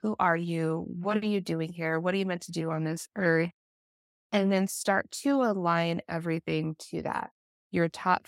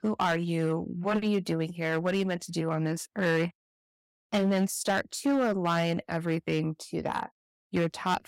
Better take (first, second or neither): first